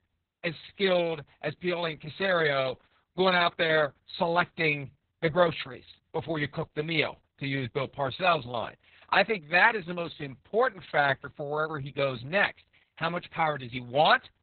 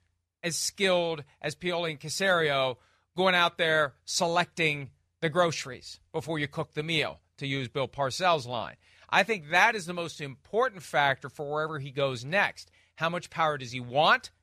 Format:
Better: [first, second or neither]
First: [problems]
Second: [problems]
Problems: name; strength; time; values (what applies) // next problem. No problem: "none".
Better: second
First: garbled, watery; badly; nothing above 4 kHz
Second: none